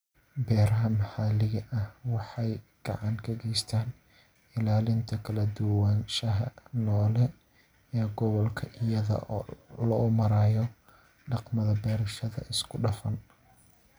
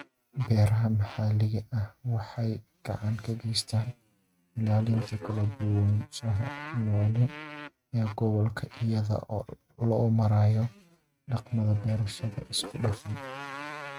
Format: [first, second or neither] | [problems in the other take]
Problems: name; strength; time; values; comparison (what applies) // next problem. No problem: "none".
first | noise reduction (neural mask model RNNoise)